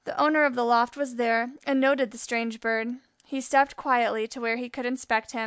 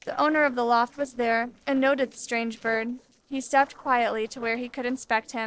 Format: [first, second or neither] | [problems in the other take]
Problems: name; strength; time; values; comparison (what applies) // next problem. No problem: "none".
first | noise reduction (neural separator model SepFormer DNS4)